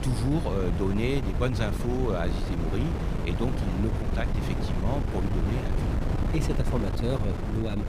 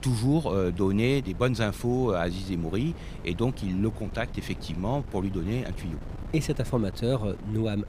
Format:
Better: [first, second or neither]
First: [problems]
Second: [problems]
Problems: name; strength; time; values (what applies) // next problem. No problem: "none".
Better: second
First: wind noise on the microphone; heavy; 3 dB below the speech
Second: wind noise on the microphone; occasional gusts; 15 dB below the speech